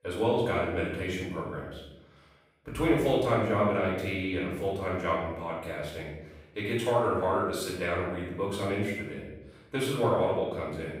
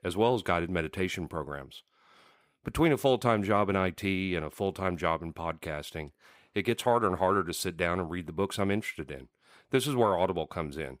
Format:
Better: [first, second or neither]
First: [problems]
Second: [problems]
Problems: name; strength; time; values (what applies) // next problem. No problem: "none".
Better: second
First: off-mic speech; far // room echo; noticeable; dies away in 1 s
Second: none